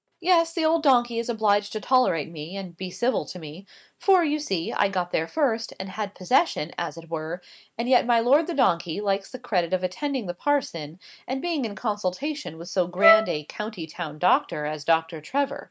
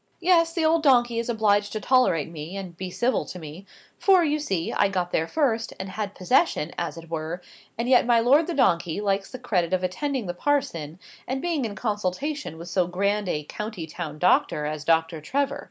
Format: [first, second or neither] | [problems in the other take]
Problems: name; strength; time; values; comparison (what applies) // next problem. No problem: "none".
second | noise reduction (neural mask model RNNoise)